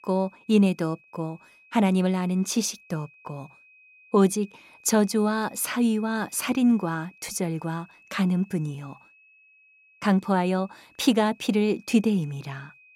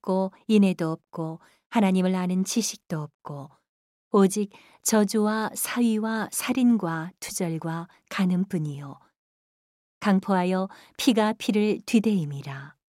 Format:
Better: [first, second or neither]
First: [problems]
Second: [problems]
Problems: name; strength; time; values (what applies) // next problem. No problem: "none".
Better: second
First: high-pitched whine; faint; throughout; 2.5 kHz, 30 dB below the speech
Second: none